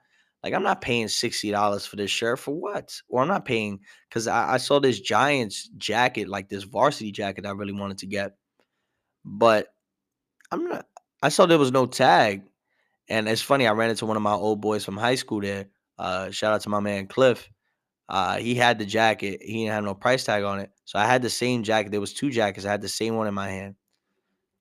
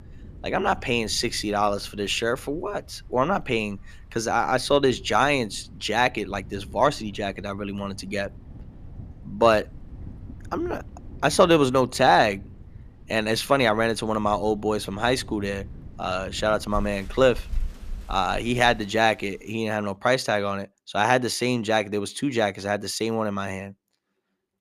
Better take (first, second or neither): first